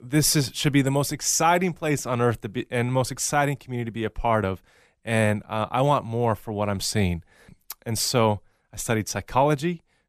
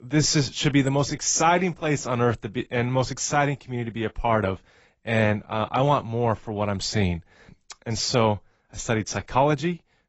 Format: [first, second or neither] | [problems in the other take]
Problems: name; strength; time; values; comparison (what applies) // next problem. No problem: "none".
first | garbled, watery; badly; nothing above 7.5 kHz